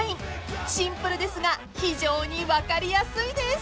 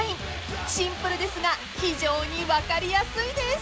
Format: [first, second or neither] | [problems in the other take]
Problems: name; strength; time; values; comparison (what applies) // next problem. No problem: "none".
first | background sound (Hiss); 12 dB below the speech